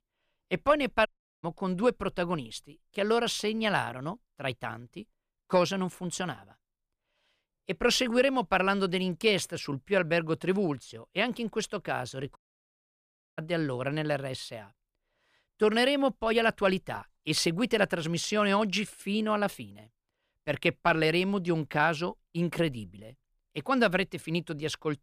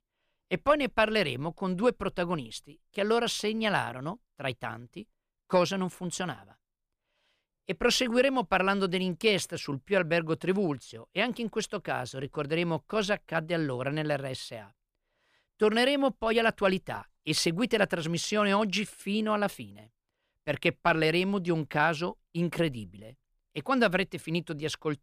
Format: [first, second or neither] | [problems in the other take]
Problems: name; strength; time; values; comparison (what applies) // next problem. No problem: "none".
second | audio cutting out; at 1 s and at 12 s for 1 s